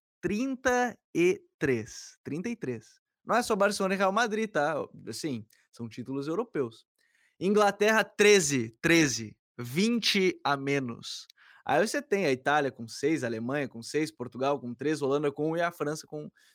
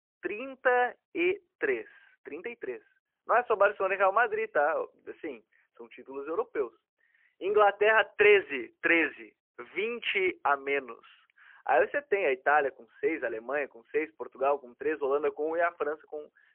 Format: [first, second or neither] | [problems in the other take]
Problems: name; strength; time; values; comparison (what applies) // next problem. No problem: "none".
first | phone-call audio; poor line; nothing above 3 kHz